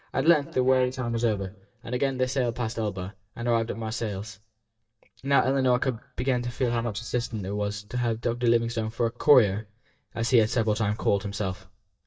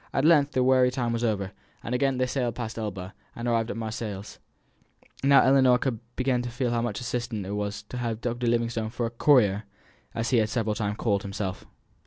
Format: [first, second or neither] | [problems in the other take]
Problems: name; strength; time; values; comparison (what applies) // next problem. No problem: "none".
second | noise reduction (neural mask model DeepFilterNet 3)